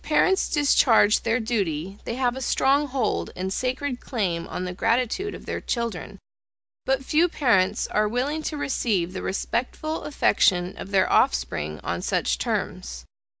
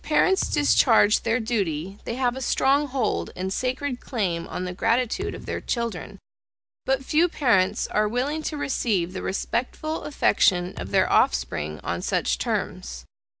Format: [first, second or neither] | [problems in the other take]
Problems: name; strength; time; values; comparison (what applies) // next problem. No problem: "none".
first | background sound (Thump, thud); 17 dB below the speech